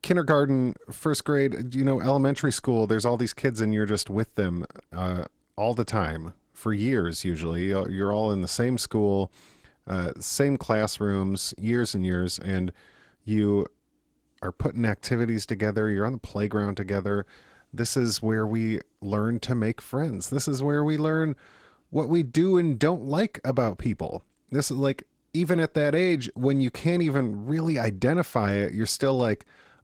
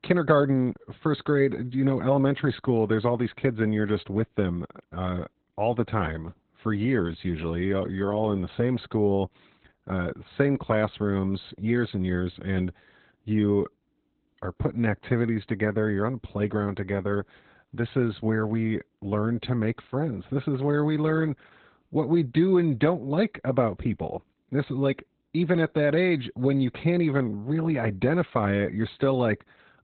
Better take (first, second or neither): first